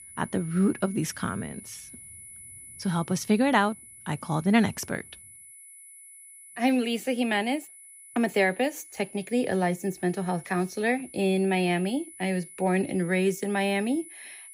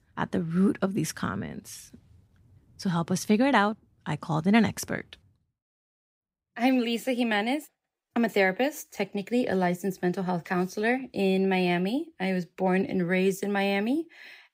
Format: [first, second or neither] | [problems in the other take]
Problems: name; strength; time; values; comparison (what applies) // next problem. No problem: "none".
second | high-pitched whine; noticeable; throughout; 10 kHz, 15 dB below the speech